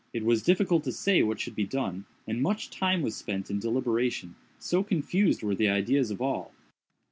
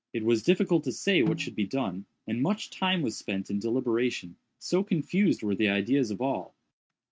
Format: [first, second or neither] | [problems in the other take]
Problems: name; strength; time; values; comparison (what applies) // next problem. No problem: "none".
first | noise reduction (neural mask model RNNoise)